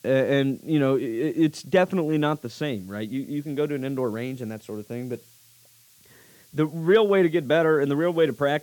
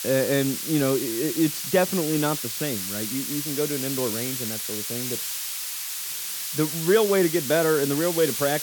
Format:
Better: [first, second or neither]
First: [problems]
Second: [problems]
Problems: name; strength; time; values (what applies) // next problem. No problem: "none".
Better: first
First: hiss; faint; throughout; 30 dB below the speech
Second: hiss; loud; throughout; 3 dB below the speech